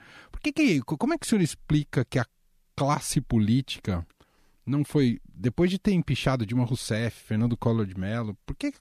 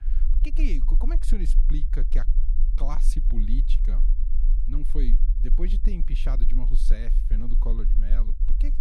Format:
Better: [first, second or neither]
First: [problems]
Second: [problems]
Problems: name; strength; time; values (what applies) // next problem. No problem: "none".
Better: first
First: none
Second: low rumble; noticeable; throughout; 10 dB below the speech